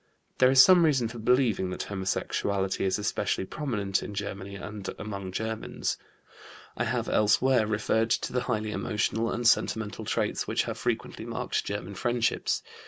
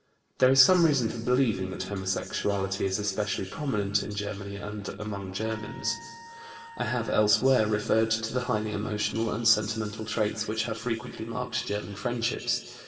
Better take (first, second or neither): first